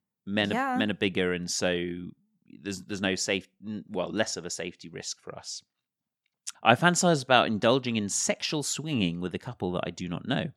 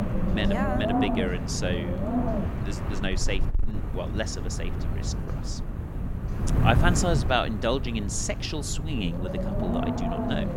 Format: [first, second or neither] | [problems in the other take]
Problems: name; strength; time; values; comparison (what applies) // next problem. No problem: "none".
first | wind noise on the microphone; heavy; 4 dB below the speech